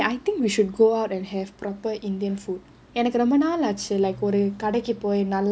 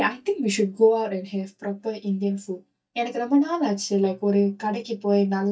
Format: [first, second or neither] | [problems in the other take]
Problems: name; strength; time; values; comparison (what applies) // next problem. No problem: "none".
first | noise reduction (neural mask model DeepFilterNet 3)